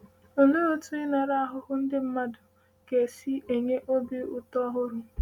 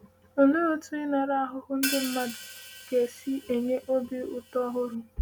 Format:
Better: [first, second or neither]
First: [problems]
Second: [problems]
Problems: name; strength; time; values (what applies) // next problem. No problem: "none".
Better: first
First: none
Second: background sound (Crash cymbal / Hi-hat); 11 dB below the speech